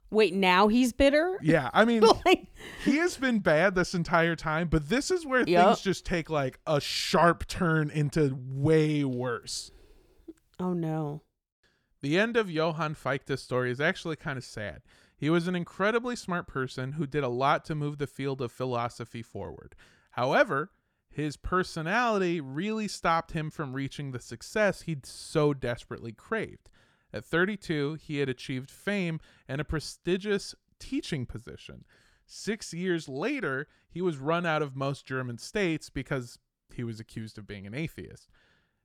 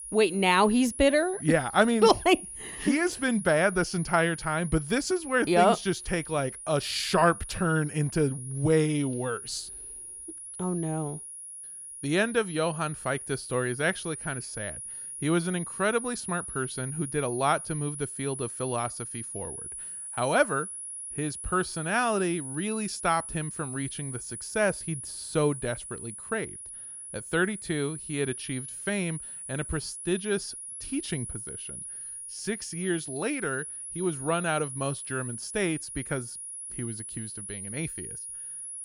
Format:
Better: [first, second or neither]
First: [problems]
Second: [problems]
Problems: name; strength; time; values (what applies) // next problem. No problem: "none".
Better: first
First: none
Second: high-pitched whine; loud; throughout; 10.5 kHz, 9 dB below the speech